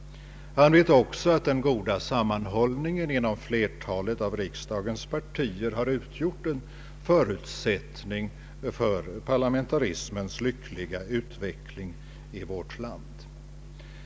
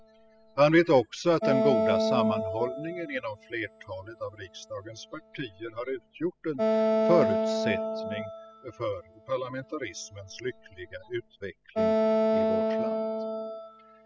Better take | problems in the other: first | noise reduction (classical method spectral subtraction)

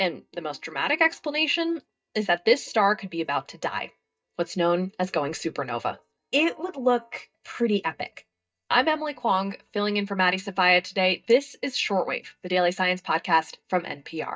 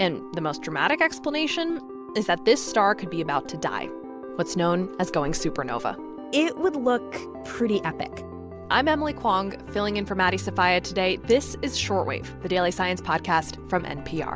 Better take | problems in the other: second | noise reduction (neural mask model DeepFilterNet 3)

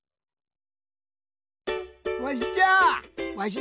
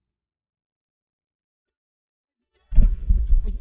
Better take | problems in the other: first | noise reduction (neural mask model DeepFilterNet 3)

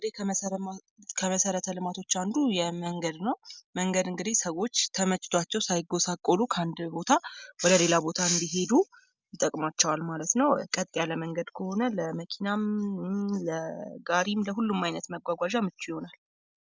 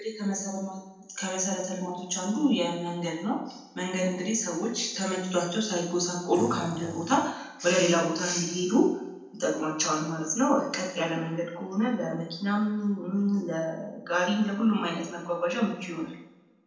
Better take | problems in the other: first | noise reduction (neural separator model SepFormer DNS4)

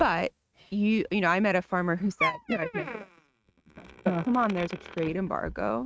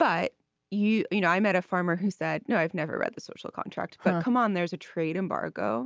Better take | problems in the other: second | noise reduction (neural mask model RNNoise)

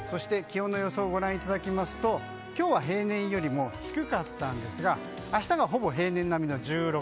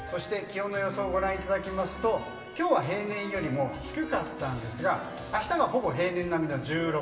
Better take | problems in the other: first | room echo; dies away in 1 s

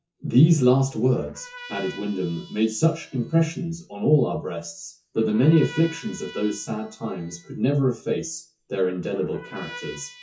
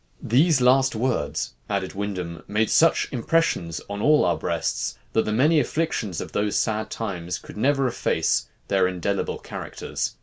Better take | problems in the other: second | noise reduction (classical method WPE with log-MMSE)

